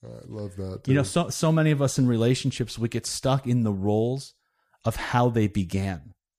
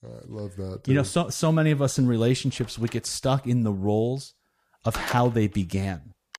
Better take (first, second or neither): first